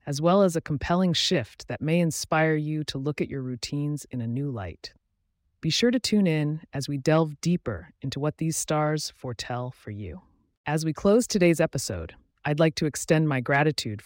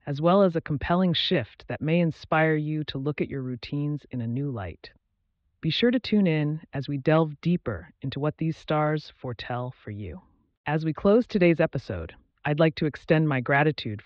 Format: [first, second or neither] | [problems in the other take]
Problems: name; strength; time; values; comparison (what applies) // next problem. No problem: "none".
first | muffled; slightly; fading above 3.5 kHz